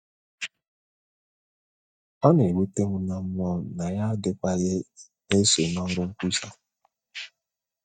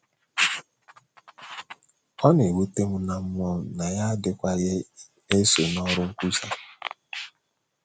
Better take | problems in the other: second | noise reduction (neural mask model DeepFilterNet 3)

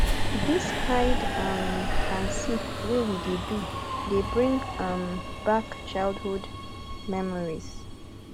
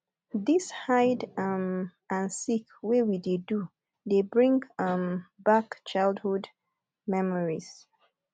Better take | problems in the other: second | background sound (Subway, metro, underground); as loud as the speech

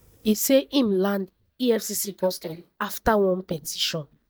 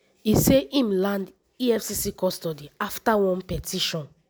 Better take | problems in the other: second | noise reduction (neural mask model DeepFilterNet 3)

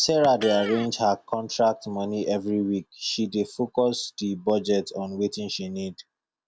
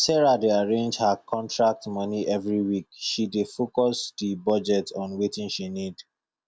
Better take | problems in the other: second | background sound (Electric guitar); 16 dB below the speech

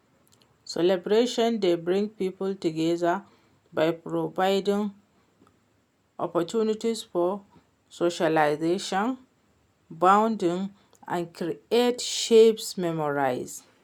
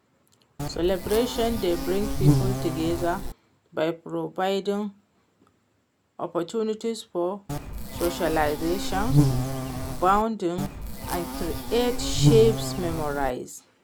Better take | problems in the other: first | background sound (Insect); 1 dB above the speech

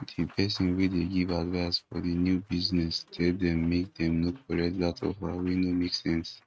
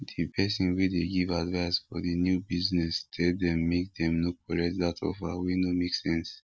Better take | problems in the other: second | noise reduction (neural mask model RNNoise)

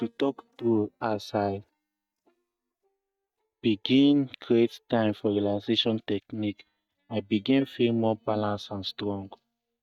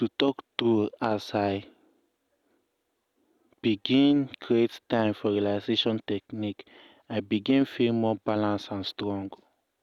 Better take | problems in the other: second | noise reduction (neural mask model DeepFilterNet 3)

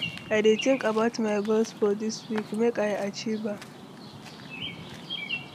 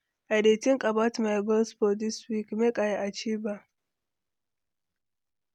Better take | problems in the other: second | background sound (Bird vocalization, bird call, bird song); 11 dB below the speech

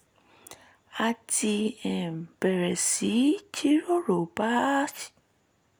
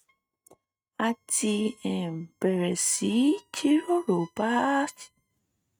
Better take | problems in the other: first | noise reduction (neural mask model RNNoise)

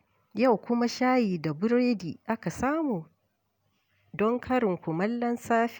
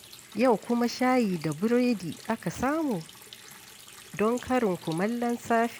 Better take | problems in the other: first | background sound (Water tap, faucet); 20 dB below the speech

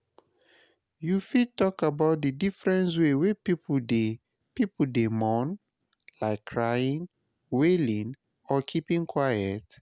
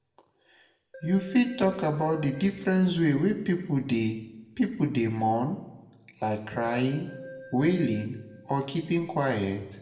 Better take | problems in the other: first | background sound (Keyboard (musical)); 19 dB below the speech // room echo; dies away in 0.7 s

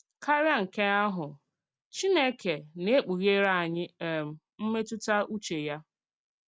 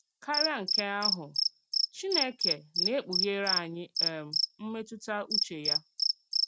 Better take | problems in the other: first | background sound (Cricket); 4 dB above the speech

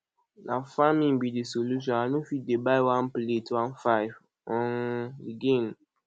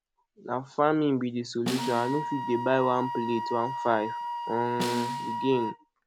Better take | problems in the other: first | background sound (Wind instrument, woodwind instrument + Snare drum); 5 dB below the speech

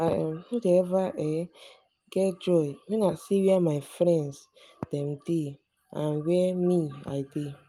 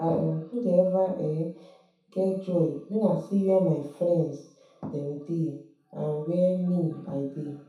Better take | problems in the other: first | room echo; dies away in 0.7 s

